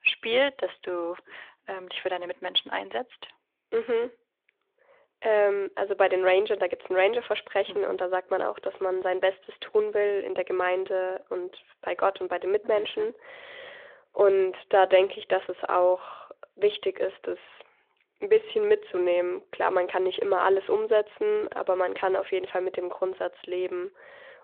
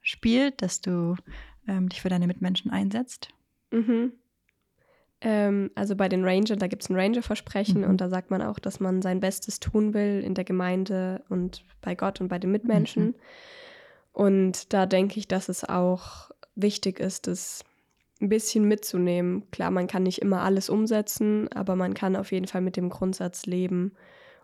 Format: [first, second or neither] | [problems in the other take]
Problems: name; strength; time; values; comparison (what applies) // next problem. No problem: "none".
second | phone-call audio; nothing above 3.5 kHz